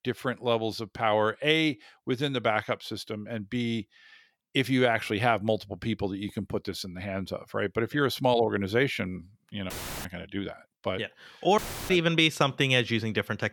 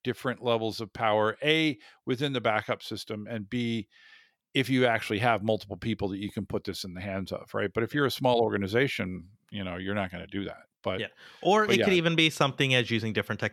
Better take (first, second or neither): second